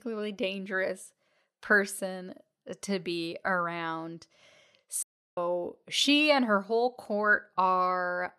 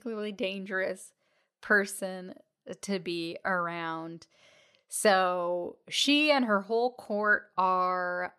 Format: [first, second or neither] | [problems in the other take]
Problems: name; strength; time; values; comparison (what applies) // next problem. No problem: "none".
second | audio cutting out; at 5 s